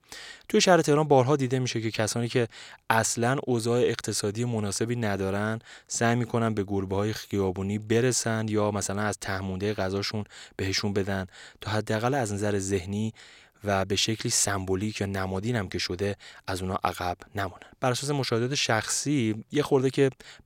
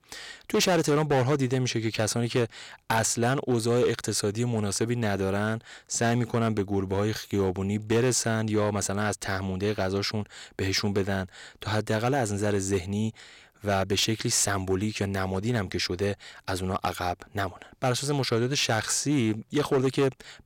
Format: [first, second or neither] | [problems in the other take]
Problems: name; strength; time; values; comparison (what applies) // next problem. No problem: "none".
first | distortion; slight; 5% of the sound clipped